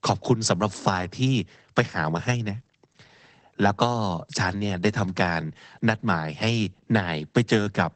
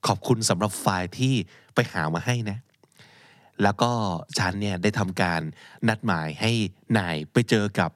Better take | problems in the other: second | garbled, watery; badly; nothing above 8 kHz

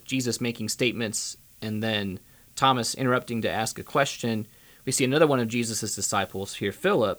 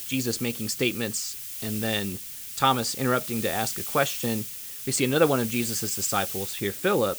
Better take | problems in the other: first | hiss; loud; throughout; 6 dB below the speech; faint in the first

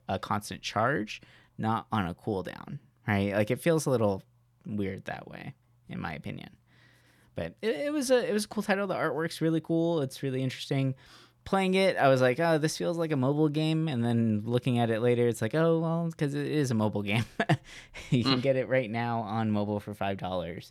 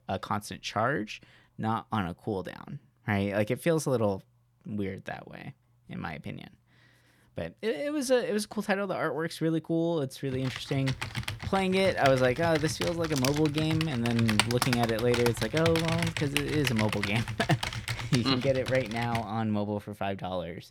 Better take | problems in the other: first | keyboard typing; loud; from 10 to 19 s; peak 2 dB above the speech

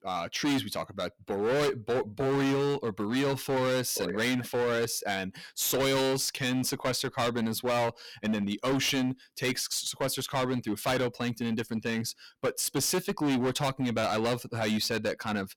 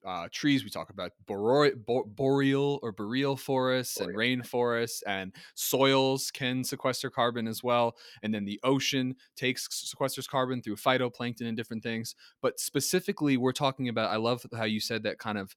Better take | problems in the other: second | distortion; heavy; 18% of the sound clipped

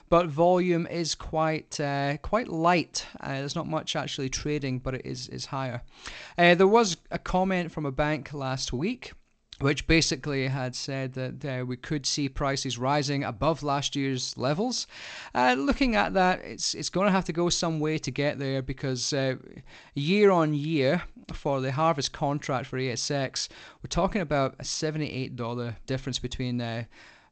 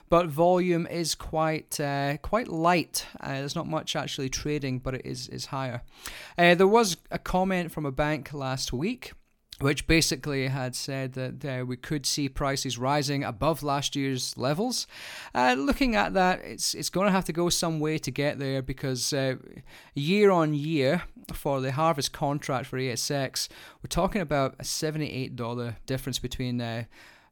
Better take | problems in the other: second | garbled, watery; slightly; nothing above 7.5 kHz

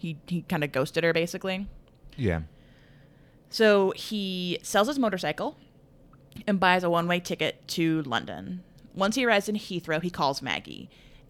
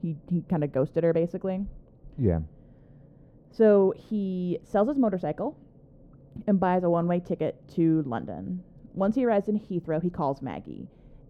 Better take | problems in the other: first | muffled; very; fading above 1.5 kHz

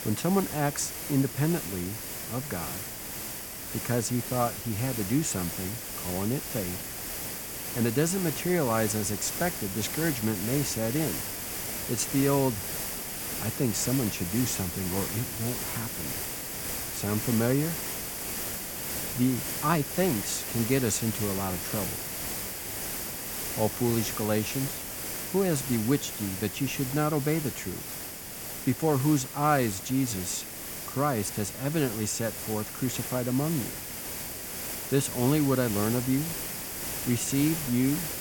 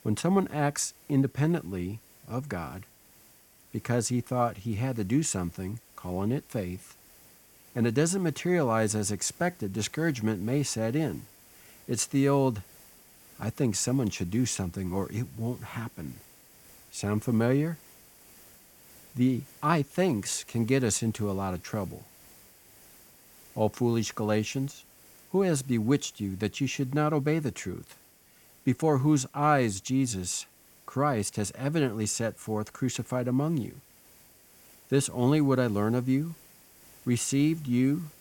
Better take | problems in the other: second | hiss; loud; throughout; 4 dB below the speech; faint in the second

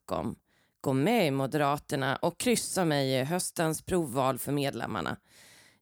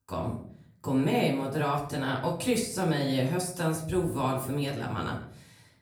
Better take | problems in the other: first | off-mic speech; far // room echo; slight; dies away in 0.6 s

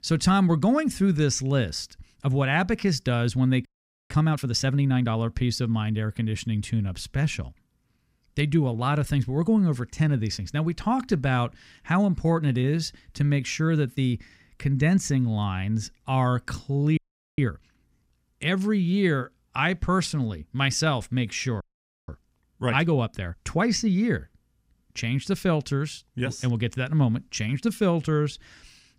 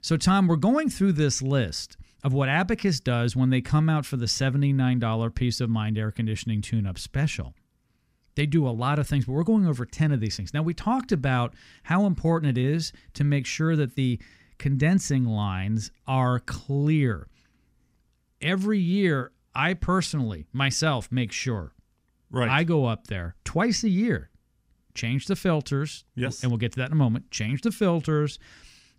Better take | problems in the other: second | audio freezing; at 3.5 s, at 17 s and at 22 s

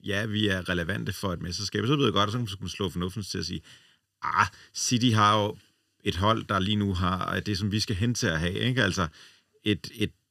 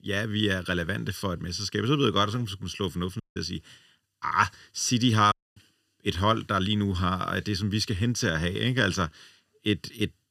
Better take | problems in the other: first | audio cutting out; at 3 s and at 5.5 s

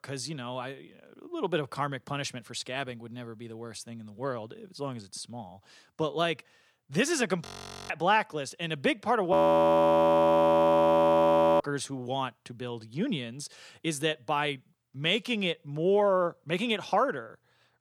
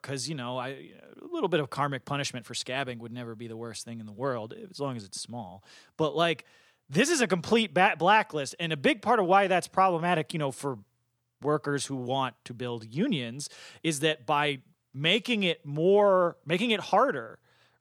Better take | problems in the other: second | audio freezing; at 7.5 s and at 9.5 s for 2.5 s

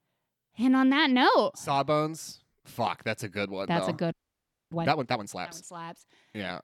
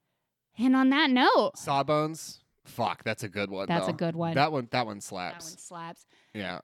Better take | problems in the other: second | audio freezing; at 4 s for 0.5 s

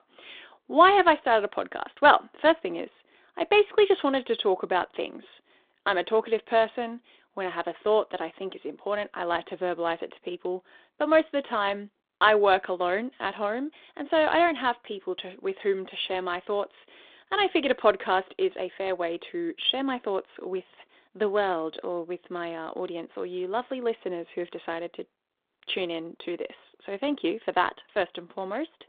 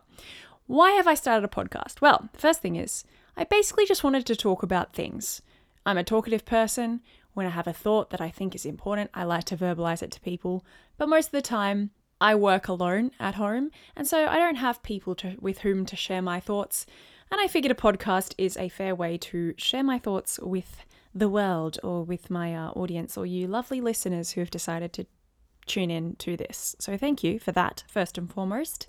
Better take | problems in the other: second | phone-call audio

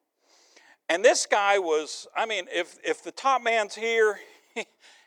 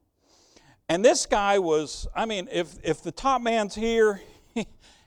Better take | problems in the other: second | thin; somewhat; fading below 400 Hz

